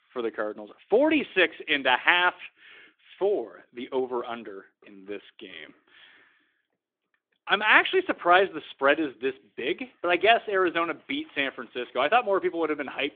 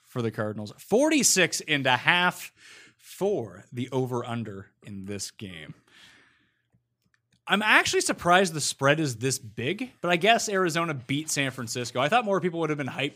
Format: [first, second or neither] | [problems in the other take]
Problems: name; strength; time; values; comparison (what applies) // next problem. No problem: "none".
second | phone-call audio; nothing above 3.5 kHz